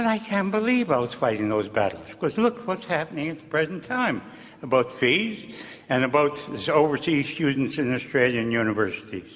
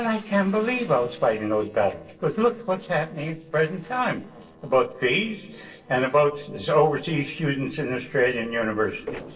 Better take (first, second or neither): first